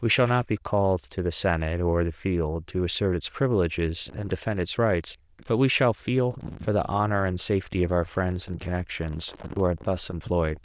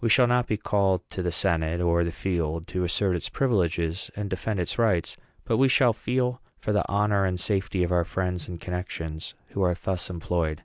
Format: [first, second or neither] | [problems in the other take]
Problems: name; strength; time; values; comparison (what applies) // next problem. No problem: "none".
second | noise reduction (neural diffusion model UNIVERSE++)